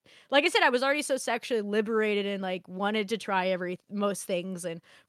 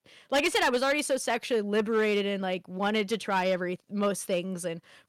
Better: first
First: none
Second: distortion; slight; 5% of the sound clipped

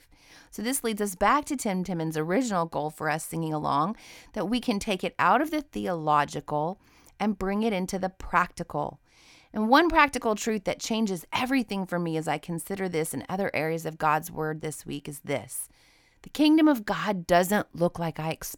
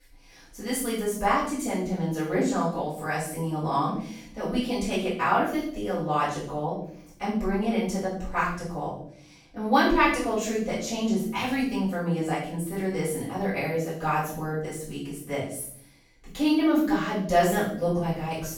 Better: first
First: none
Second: off-mic speech; far // room echo; noticeable; dies away in 0.6 s

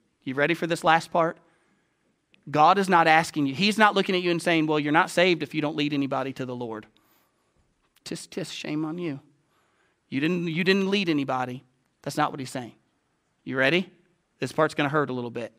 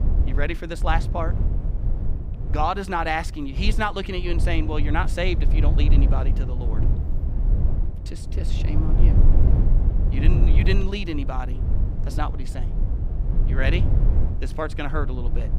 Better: first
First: none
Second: low rumble; noticeable; throughout; 10 dB below the speech

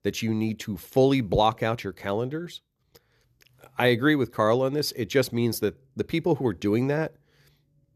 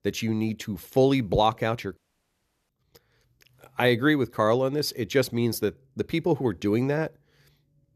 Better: first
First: none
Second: audio cutting out; at 2 s for 0.5 s

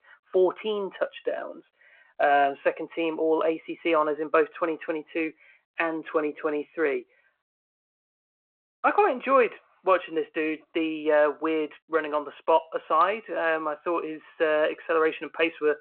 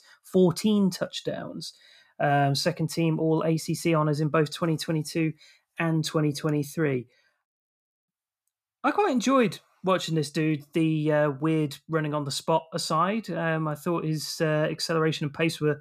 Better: second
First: phone-call audio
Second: none

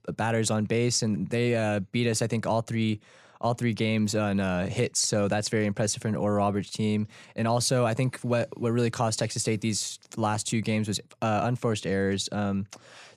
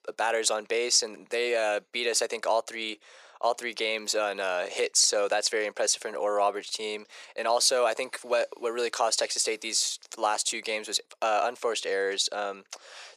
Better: first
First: none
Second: thin; very; fading below 450 Hz

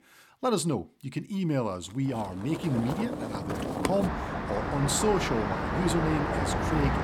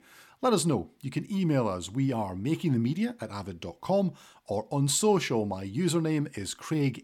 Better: second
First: traffic noise; loud; from 2 s on; 1 dB below the speech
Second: none

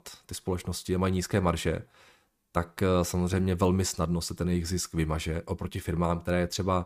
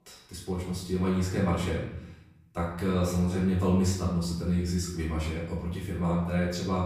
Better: first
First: none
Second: off-mic speech; far // room echo; noticeable; dies away in 0.8 s

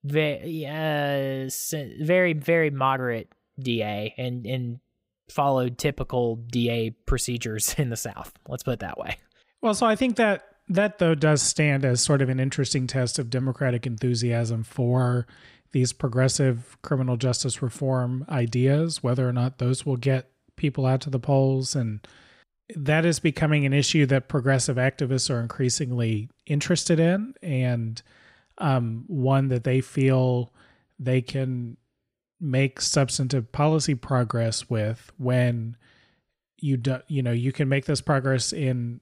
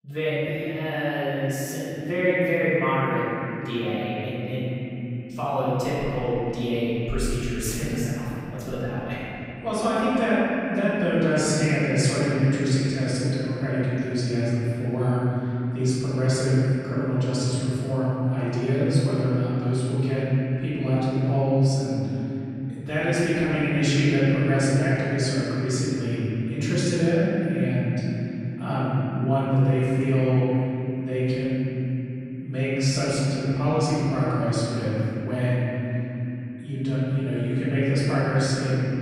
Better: first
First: none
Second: room echo; strong; dies away in 3 s // off-mic speech; far

